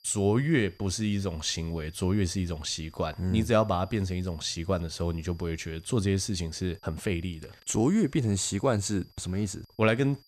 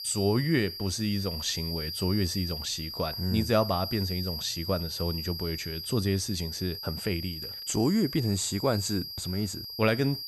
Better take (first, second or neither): first